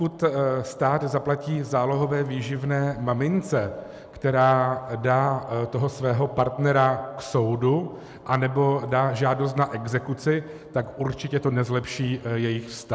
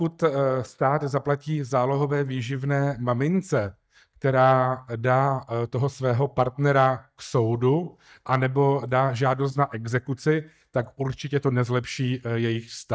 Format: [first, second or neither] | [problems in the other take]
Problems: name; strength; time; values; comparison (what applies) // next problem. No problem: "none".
first | noise reduction (neural mask model DeepFilterNet 3)